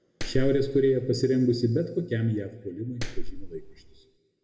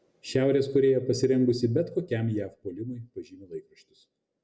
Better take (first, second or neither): second